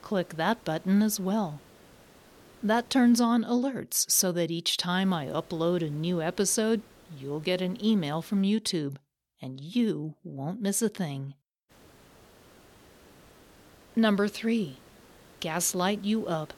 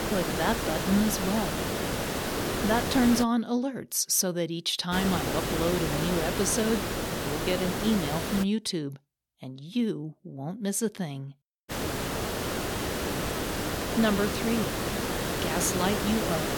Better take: first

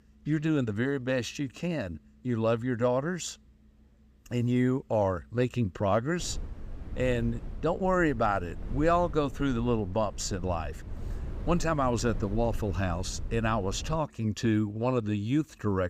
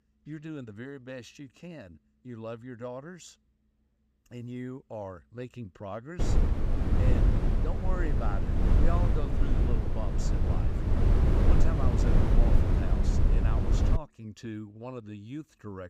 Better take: first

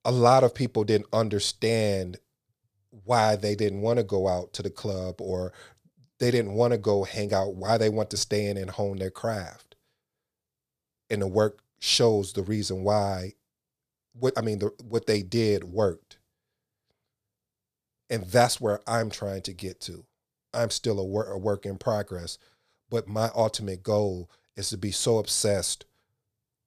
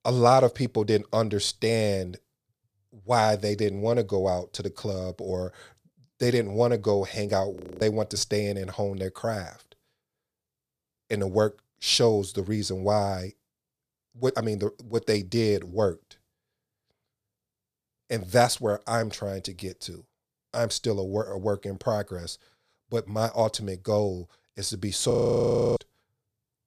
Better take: first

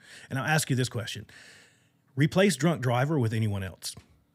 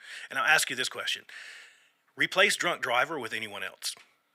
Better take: first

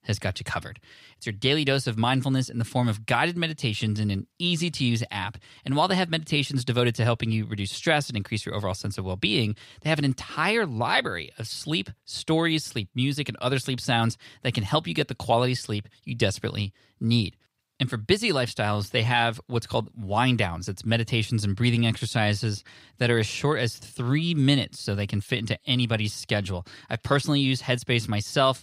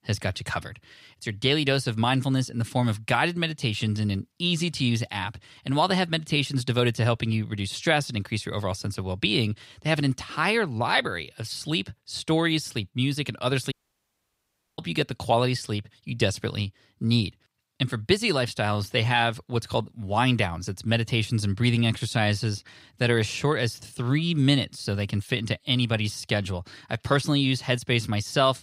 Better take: first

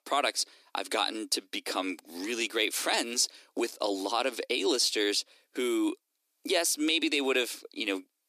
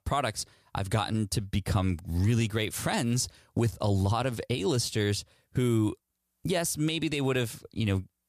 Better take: second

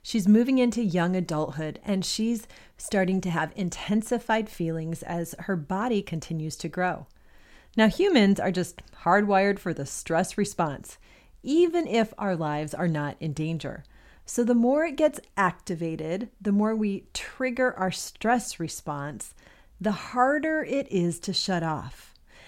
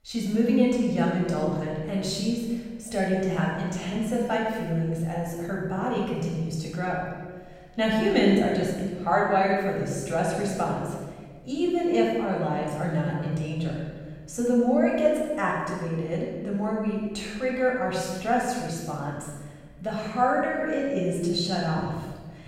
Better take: first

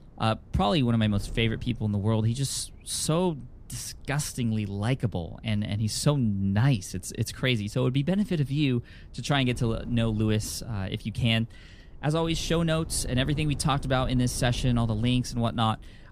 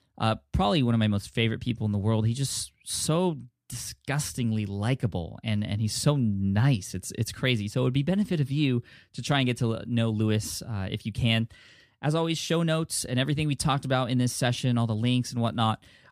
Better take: second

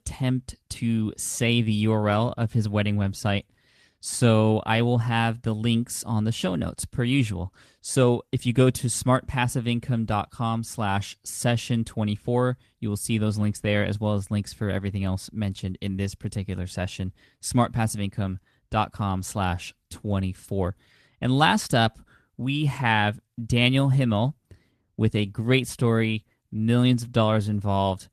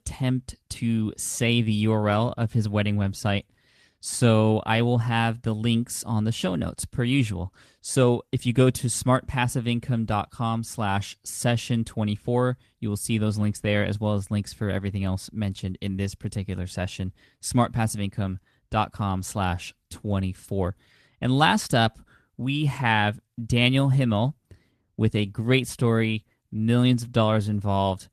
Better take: neither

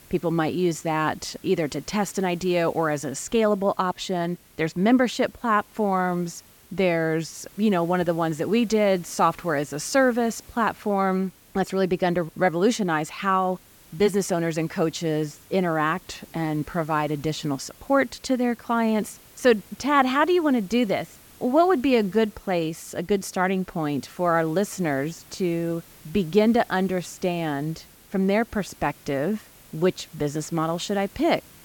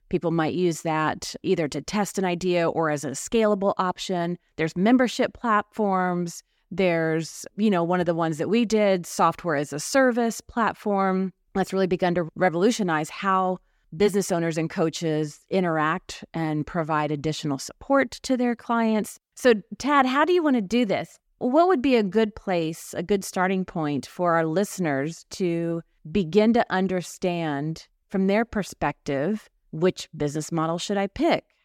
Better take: second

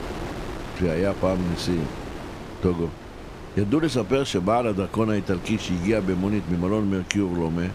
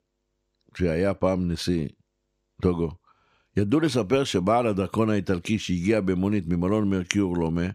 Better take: second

